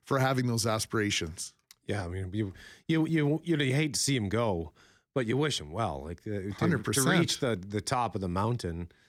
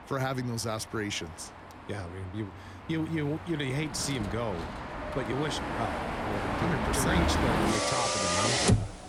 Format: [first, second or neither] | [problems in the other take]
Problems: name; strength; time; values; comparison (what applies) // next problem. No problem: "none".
first | traffic noise; very loud; throughout; 4 dB above the speech